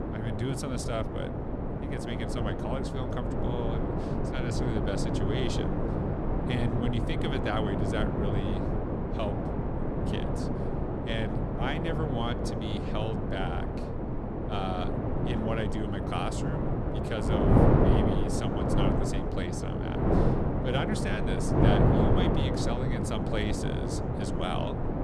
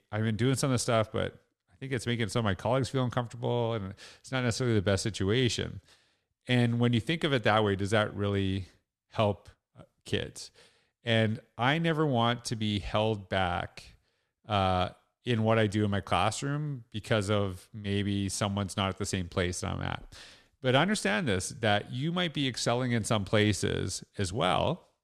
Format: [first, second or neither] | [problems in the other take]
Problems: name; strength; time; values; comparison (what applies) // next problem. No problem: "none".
second | wind noise on the microphone; heavy; 3 dB above the speech